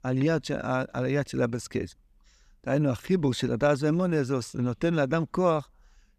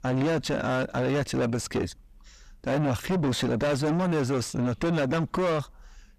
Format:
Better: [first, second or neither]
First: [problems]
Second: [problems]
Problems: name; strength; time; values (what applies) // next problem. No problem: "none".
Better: first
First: none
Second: distortion; heavy; 4 dB below the speech